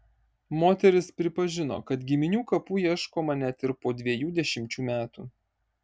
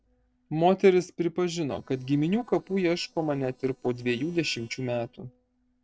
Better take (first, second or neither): first